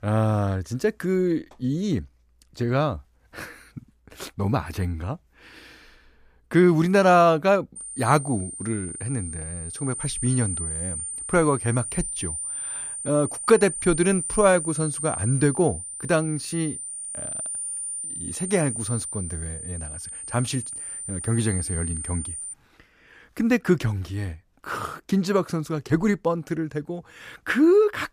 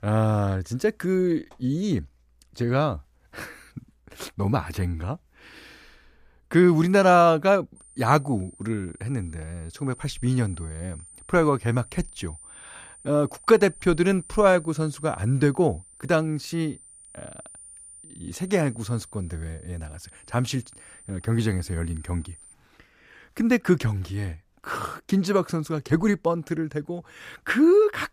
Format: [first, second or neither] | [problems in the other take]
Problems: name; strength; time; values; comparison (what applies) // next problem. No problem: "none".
second | high-pitched whine; loud; from 8 to 23 s; 9 kHz, 6 dB below the speech; faint in the second